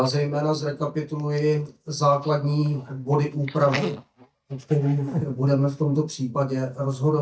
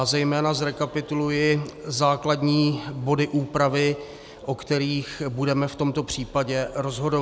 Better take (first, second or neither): second